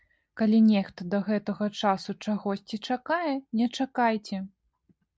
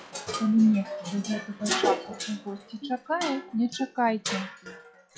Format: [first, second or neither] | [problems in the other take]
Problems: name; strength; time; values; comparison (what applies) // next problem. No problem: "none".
first | noise reduction (classical method log-MMSE)